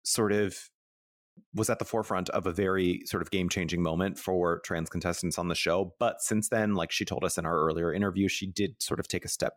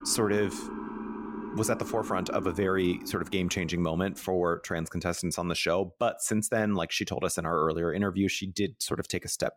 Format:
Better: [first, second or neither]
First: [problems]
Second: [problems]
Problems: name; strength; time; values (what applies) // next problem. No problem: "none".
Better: first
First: none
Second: siren; noticeable; until 4 s; peak 8 dB below the speech